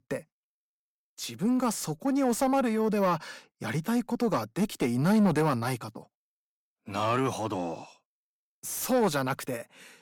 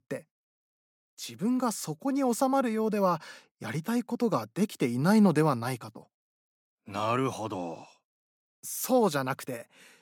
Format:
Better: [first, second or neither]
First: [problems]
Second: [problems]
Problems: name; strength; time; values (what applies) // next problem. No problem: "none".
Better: second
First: distortion; slight; 10 dB below the speech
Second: none